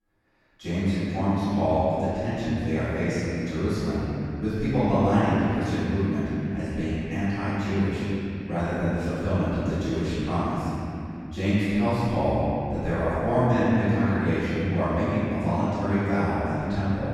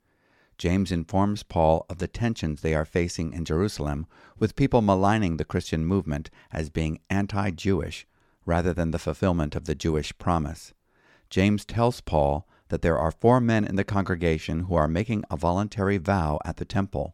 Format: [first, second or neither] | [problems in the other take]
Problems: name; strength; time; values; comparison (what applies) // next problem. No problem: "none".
second | off-mic speech; far // room echo; strong; dies away in 3 s